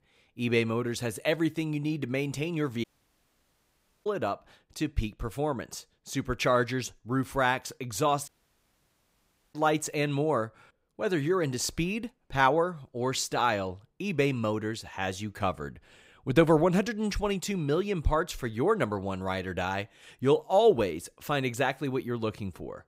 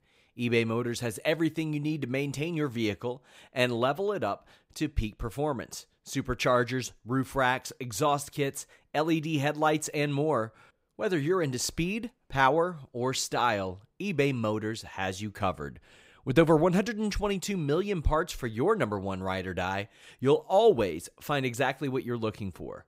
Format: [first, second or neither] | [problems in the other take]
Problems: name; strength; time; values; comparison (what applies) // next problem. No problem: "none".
second | audio cutting out; at 3 s for 1 s and at 8.5 s for 1.5 s